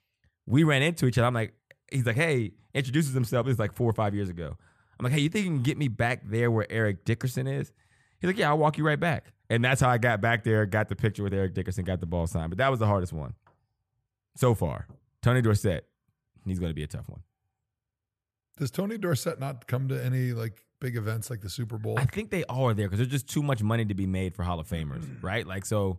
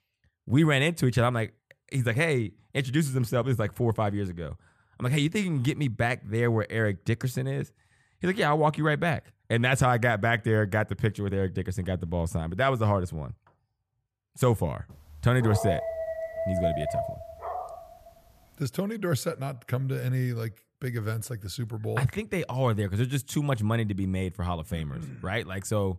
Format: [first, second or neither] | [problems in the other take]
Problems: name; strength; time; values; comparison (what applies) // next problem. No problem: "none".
first | dog barking; noticeable; from 15 to 18 s; peak 1 dB below the speech